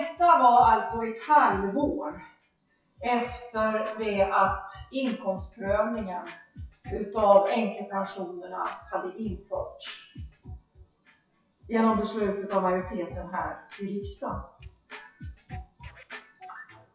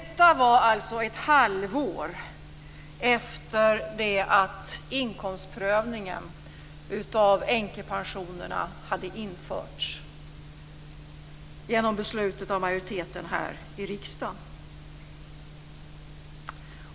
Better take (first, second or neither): second